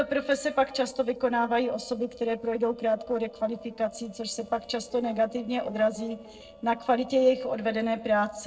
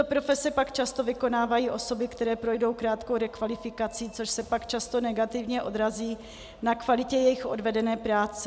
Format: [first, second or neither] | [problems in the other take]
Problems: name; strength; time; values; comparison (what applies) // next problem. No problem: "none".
second | noise reduction (neural separator model SepFormer DNS4)